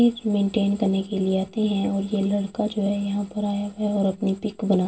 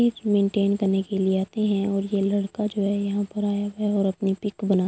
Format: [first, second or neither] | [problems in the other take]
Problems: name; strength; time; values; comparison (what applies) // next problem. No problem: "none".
second | room echo; dies away in 0.2 s